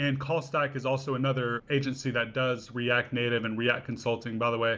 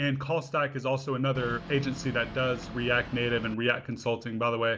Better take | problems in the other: first | background sound (Boat, Water vehicle); 12 dB below the speech

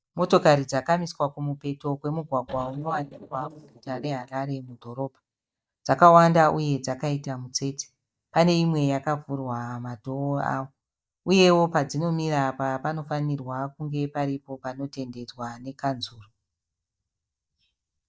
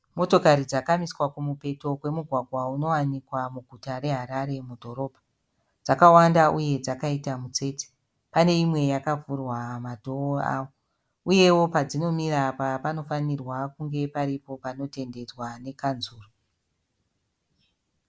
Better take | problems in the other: second | noise reduction (neural mask model DeepFilterNet 3)

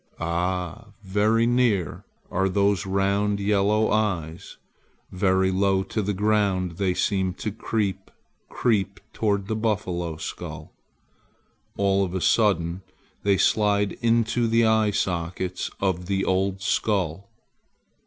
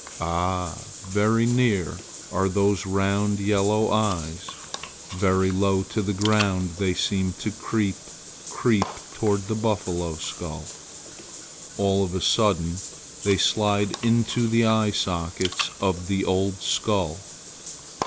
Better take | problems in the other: first | background sound (Bathtub (filling or washing) / Water); 13 dB below the speech

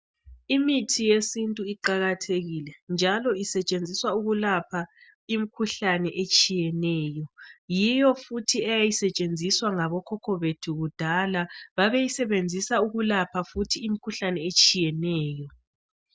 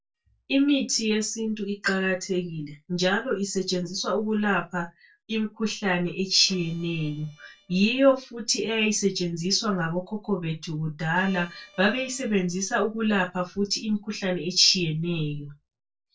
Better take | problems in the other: first | noise reduction (neural separator model SepFormer DNS4)

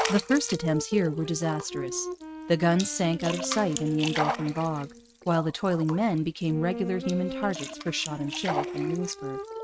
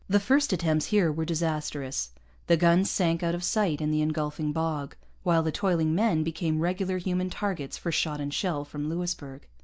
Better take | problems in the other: second | noise reduction (neural mask model RNNoise)

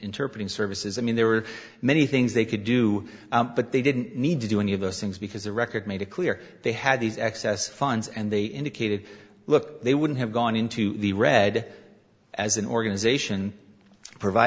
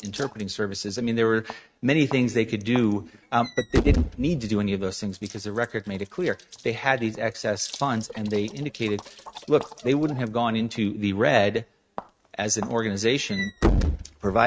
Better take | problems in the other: first | noise reduction (neural mask model RNNoise)

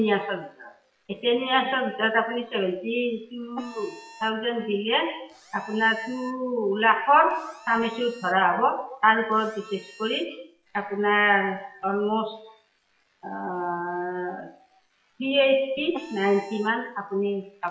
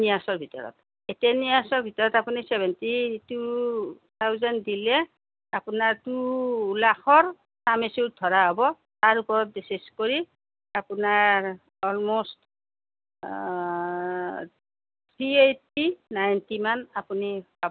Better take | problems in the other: second | noise reduction (classical method WPE with log-MMSE)

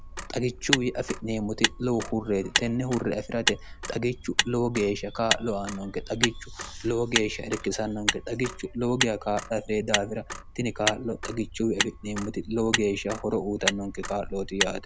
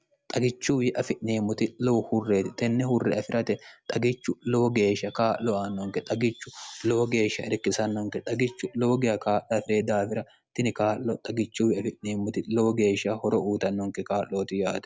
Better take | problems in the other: second | background sound (Motor vehicle (road)); 4 dB below the speech

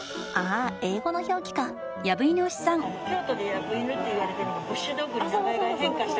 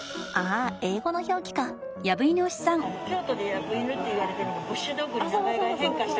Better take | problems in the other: second | background sound (Wind instrument, woodwind instrument); 14 dB below the speech

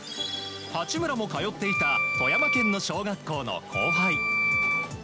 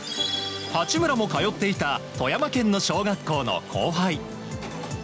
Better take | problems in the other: second | background sound (Wind instrument, woodwind instrument); 4 dB above the speech

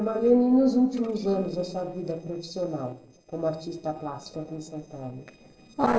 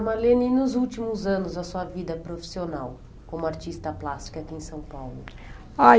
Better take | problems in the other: second | noise reduction (neural separator model SepFormer DNS4)

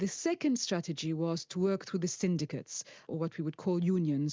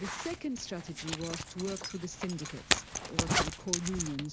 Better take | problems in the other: first | background sound (Zipper (clothing)); 3 dB above the speech

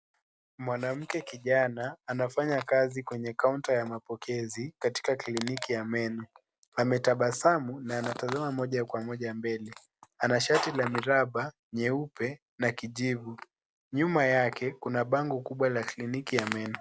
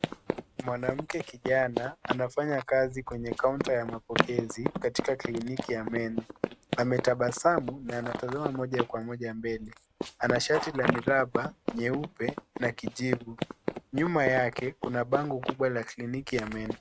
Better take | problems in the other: first | noise reduction (neural mask model RNNoise)

